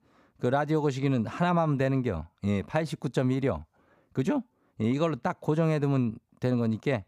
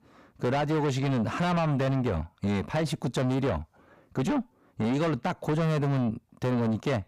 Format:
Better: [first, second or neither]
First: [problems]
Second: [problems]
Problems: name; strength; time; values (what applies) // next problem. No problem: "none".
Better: first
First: none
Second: distortion; heavy; 7 dB below the speech